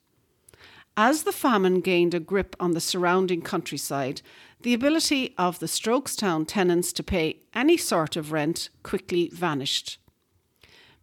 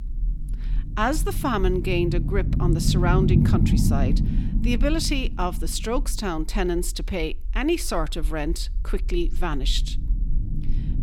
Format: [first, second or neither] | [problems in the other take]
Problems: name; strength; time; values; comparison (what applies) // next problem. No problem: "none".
first | low rumble; loud; throughout; 7 dB below the speech